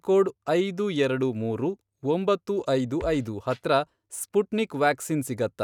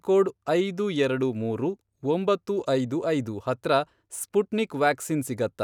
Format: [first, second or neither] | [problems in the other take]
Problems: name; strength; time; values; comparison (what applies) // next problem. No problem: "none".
second | noise reduction (neural mask model RNNoise)